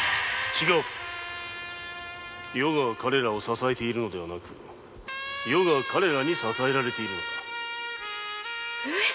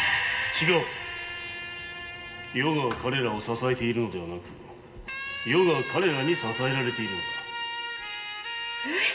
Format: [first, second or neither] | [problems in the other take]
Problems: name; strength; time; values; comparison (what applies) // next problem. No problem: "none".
first | background sound (Thump, thud); 17 dB below the speech // room echo; dies away in 1.2 s